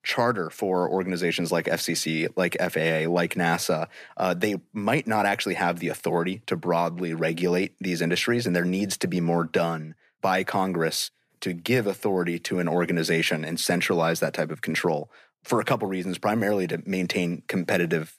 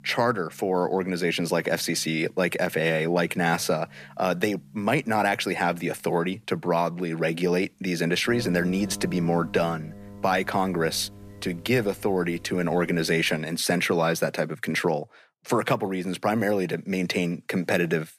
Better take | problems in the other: first | background music; noticeable; until 13 s; 20 dB below the speech

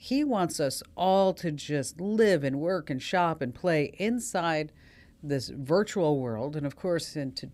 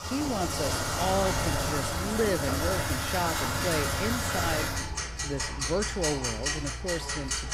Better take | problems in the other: first | household noises; very loud; throughout; 3 dB above the speech

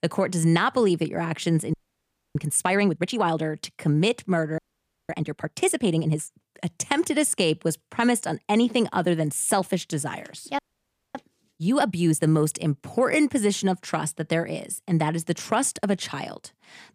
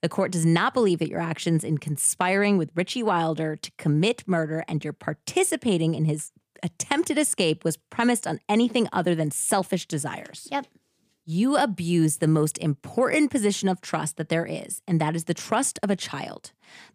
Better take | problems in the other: second | audio freezing; at 1.5 s for 0.5 s, at 4.5 s for 0.5 s and at 11 s for 0.5 s

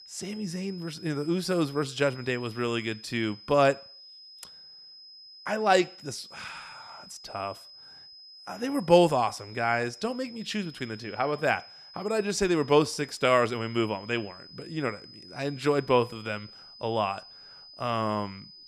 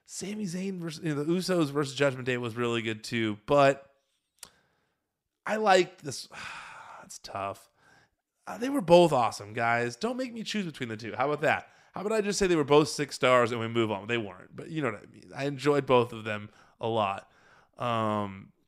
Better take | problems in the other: second | high-pitched whine; noticeable; throughout; 5 kHz, 20 dB below the speech

